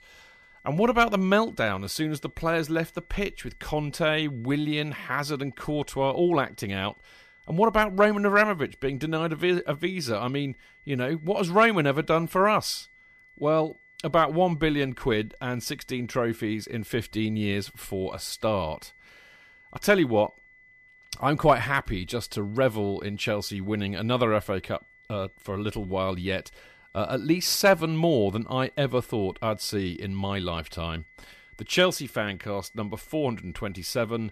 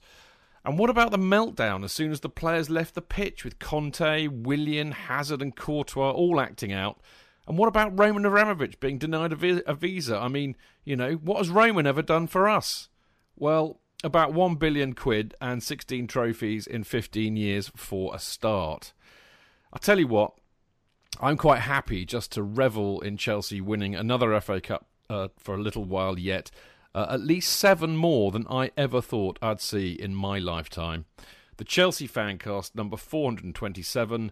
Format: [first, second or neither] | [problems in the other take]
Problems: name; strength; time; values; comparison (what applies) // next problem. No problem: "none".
second | high-pitched whine; faint; throughout; 2 kHz, 25 dB below the speech